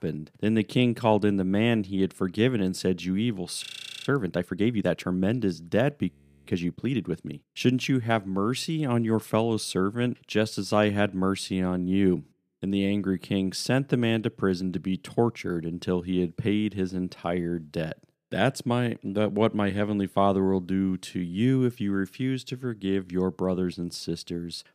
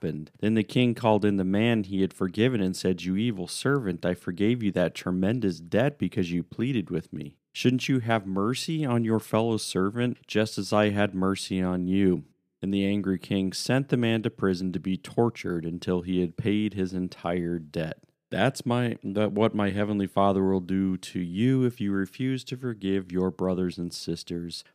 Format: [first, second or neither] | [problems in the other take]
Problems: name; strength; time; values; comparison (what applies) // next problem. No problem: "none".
second | audio freezing; at 3.5 s and at 6 s